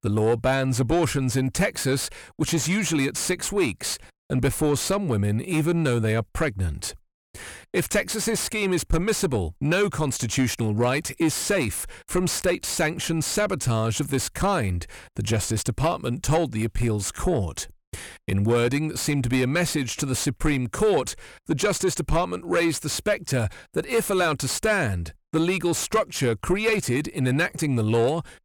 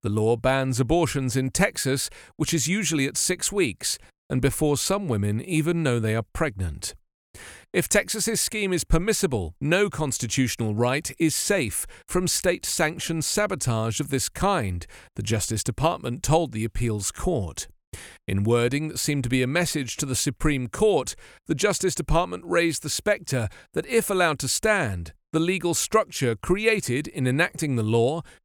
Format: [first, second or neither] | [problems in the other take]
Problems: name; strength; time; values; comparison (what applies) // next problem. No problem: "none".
second | distortion; slight; 10 dB below the speech